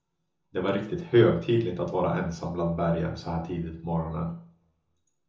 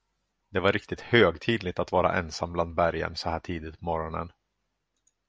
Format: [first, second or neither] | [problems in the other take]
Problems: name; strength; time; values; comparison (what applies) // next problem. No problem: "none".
second | room echo; dies away in 0.6 s